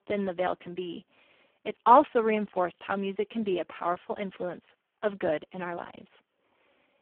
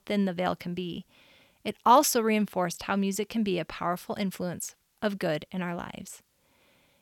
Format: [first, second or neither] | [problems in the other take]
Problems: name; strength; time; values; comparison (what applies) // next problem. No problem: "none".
second | phone-call audio; poor line